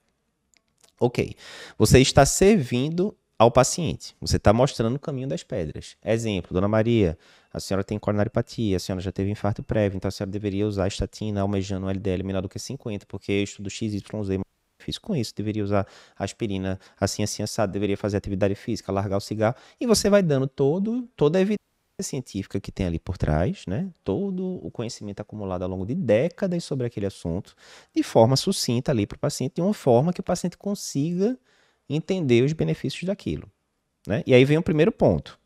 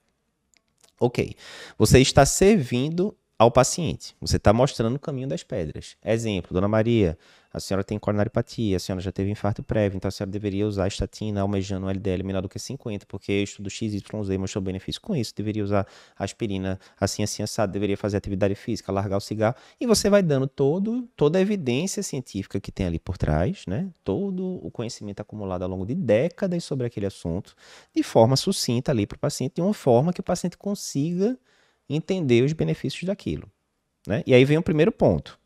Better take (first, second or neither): second